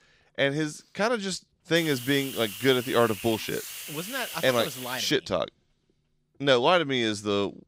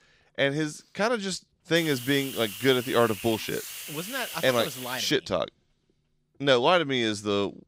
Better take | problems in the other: neither | hiss; noticeable; from 2 to 5 s; 10 dB below the speech; the same in both

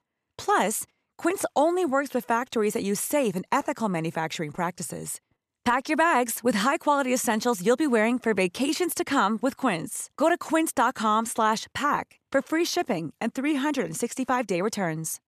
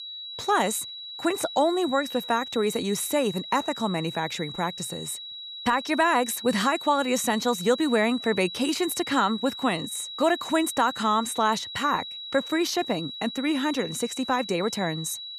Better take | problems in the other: first | high-pitched whine; loud; throughout; 4 kHz, 9 dB below the speech

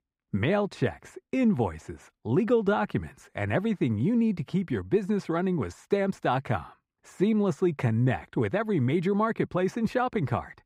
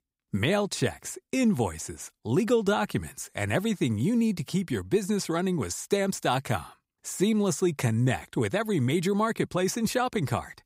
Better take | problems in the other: second | muffled; very; fading above 4 kHz

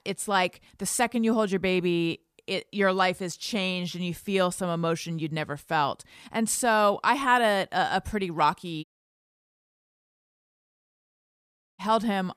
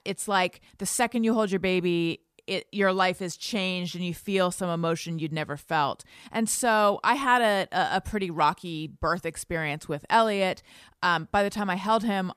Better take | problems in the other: second | audio cutting out; at 9 s for 3 s

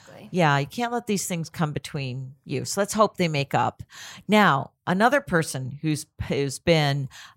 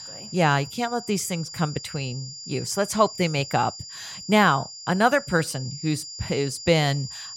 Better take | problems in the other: first | high-pitched whine; noticeable; throughout; 5 kHz, 10 dB below the speech

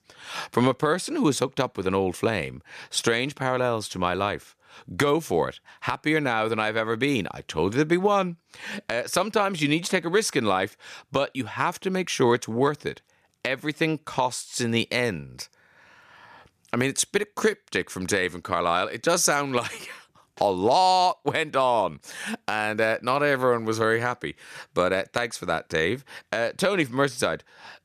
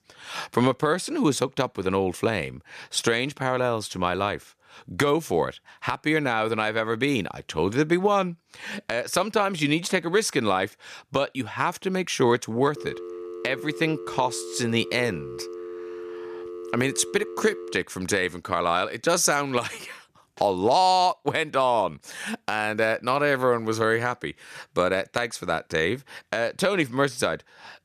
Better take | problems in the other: first | phone ringing; faint; from 13 to 18 s; peak 10 dB below the speech

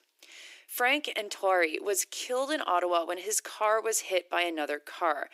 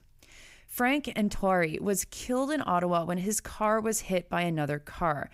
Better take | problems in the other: second | thin; very; fading below 300 Hz

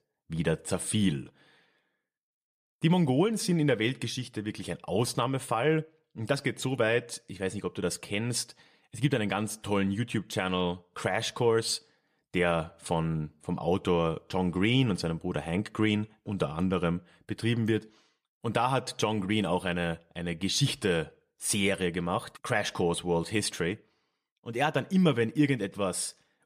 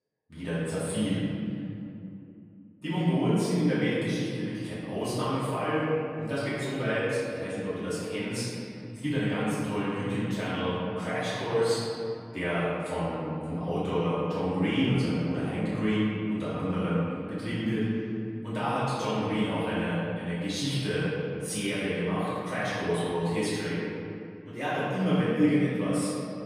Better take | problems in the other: first | off-mic speech; far // room echo; strong; dies away in 2.5 s

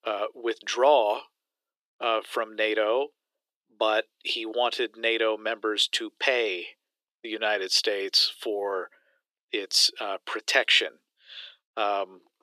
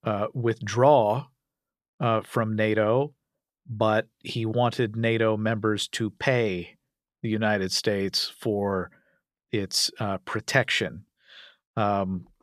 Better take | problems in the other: second | thin; very; fading below 350 Hz

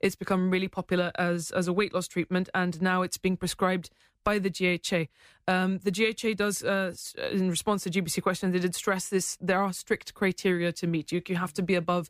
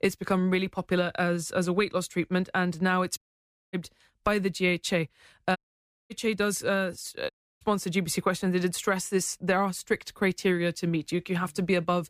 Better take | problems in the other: first | audio cutting out; at 3 s for 0.5 s, at 5.5 s for 0.5 s and at 7.5 s

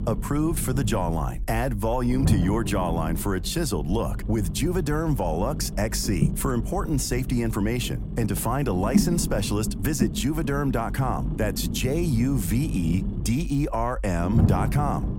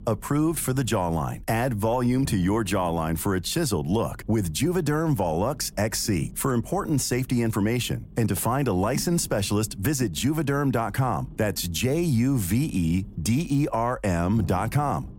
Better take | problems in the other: second | low rumble; loud; throughout; 9 dB below the speech; faint in the second

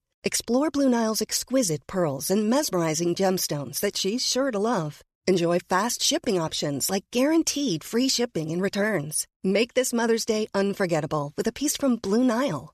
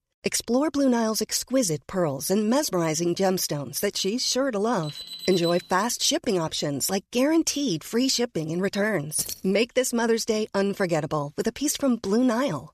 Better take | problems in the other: first | alarm; noticeable; at 5 s; peak 8 dB below the speech // jangling keys; noticeable; at 9 s; peak 8 dB below the speech

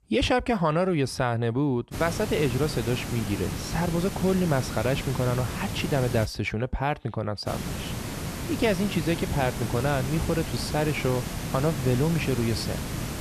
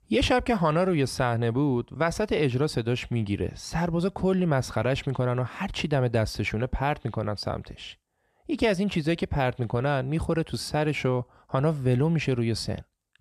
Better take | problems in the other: second | hiss; loud; from 2 to 6.5 s and from 7.5 s on; 6 dB below the speech

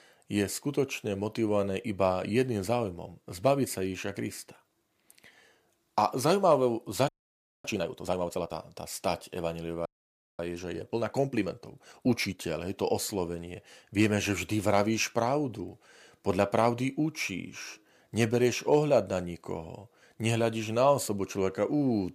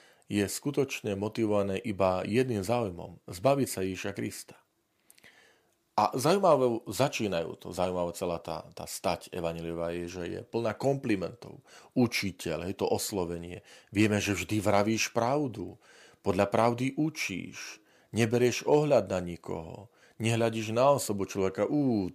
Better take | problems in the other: second | audio freezing; at 7 s for 0.5 s and at 10 s for 0.5 s

